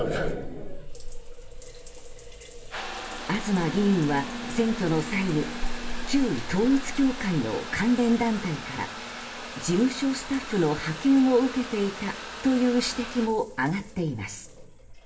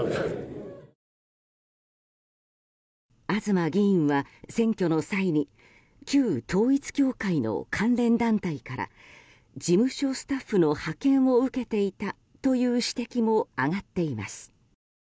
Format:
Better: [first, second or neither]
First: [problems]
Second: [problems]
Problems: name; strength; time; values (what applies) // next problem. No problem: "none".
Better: second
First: background sound (Trickle, dribble / Bathtub (filling or washing) / Water tap, faucet); 8 dB below the speech // room echo; dies away in 0.7 s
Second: none